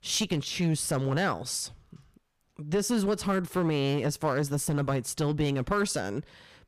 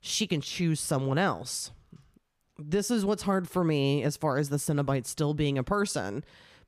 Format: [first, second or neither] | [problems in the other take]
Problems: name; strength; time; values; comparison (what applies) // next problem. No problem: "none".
second | distortion; slight; 6% of the sound clipped